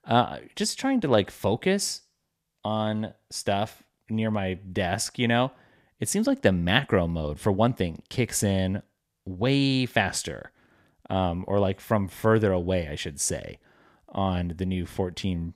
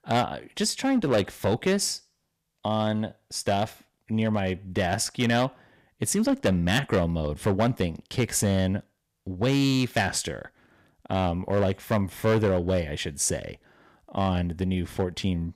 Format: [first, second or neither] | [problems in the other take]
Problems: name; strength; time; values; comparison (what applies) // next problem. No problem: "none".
first | distortion; slight; 5% of the sound clipped